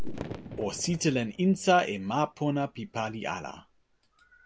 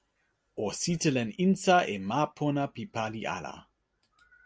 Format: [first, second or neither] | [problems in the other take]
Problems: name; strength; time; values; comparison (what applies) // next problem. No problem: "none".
second | background sound (Fireworks); 11 dB below the speech